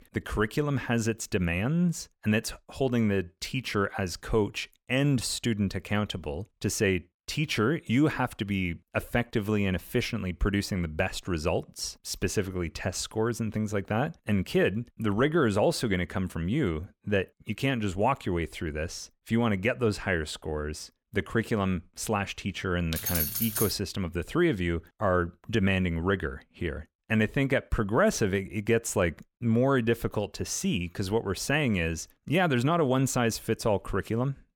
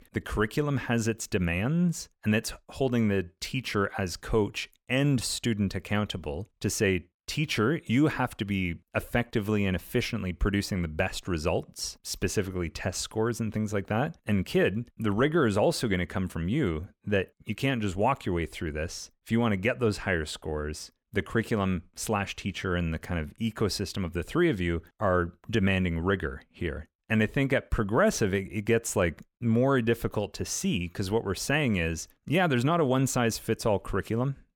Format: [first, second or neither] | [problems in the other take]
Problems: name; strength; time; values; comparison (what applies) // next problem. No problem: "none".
second | jangling keys; loud; at 23 s; peak 1 dB above the speech